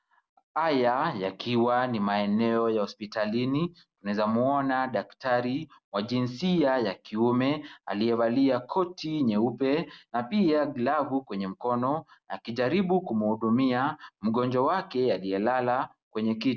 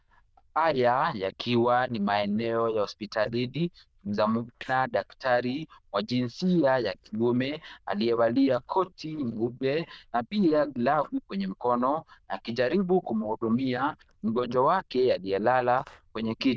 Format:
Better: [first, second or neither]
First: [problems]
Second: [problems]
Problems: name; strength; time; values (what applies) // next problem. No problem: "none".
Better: first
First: none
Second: noise reduction (neural diffusion model UNIVERSE++)